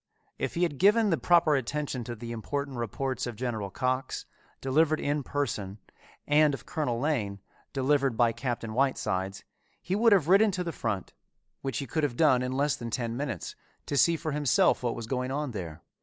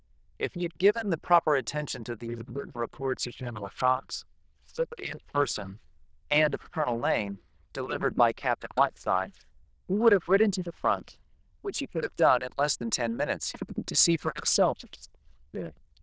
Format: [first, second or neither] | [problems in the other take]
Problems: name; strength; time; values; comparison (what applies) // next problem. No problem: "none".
first | noise reduction (neural diffusion model UNIVERSE++)